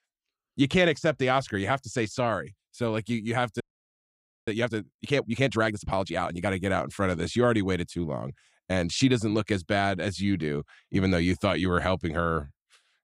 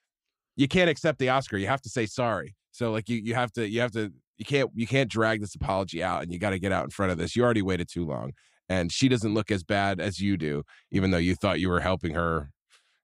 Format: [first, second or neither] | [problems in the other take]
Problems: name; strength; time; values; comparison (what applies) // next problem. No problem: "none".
second | audio freezing; at 3.5 s for 1 s